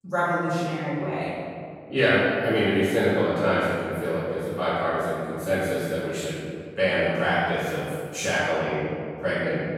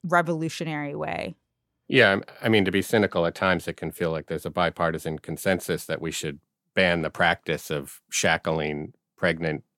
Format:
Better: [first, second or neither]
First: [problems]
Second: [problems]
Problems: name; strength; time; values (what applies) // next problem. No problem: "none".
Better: second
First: off-mic speech; far // room echo; strong; dies away in 2 s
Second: none